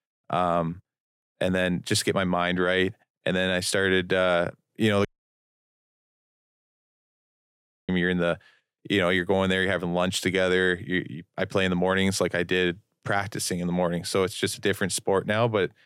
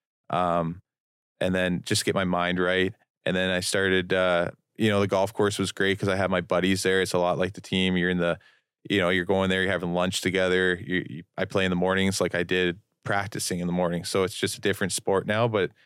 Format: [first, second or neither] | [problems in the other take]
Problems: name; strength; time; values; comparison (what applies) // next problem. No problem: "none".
second | audio cutting out; at 5 s for 3 s